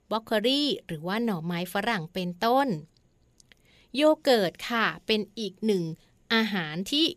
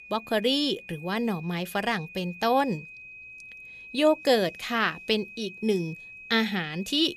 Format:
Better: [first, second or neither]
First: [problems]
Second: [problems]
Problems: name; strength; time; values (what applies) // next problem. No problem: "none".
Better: first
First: none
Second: high-pitched whine; noticeable; throughout; 2.5 kHz, 15 dB below the speech